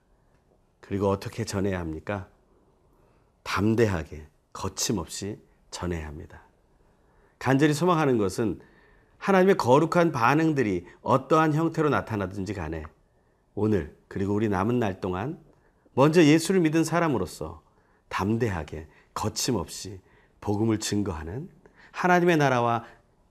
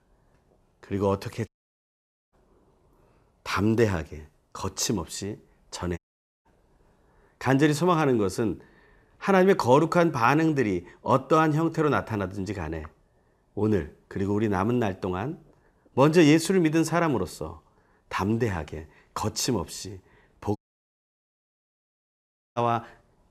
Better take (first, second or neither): first